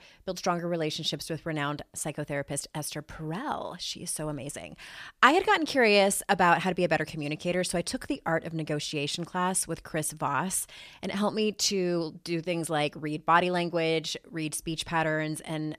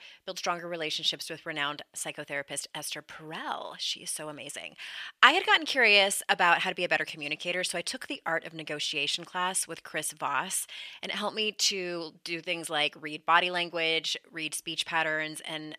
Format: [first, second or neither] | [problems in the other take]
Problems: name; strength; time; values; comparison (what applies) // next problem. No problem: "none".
first | thin; somewhat; fading below 1 kHz